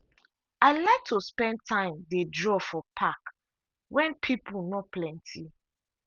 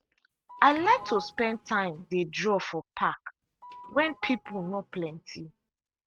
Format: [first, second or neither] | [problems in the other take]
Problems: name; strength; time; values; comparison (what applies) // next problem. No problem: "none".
first | noise reduction (neural mask model RNNoise)